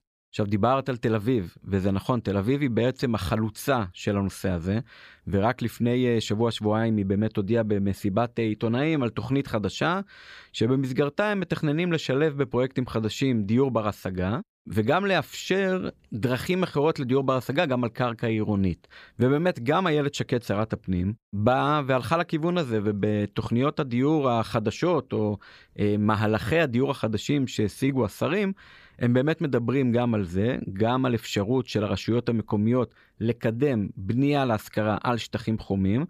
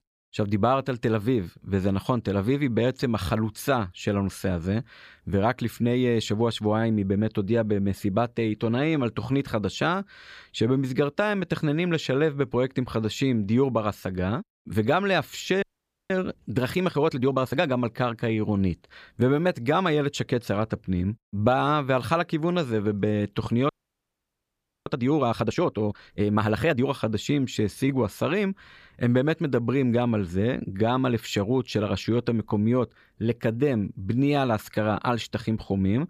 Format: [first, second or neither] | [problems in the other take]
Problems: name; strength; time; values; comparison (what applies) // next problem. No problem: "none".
first | audio freezing; at 16 s and at 24 s for 1 s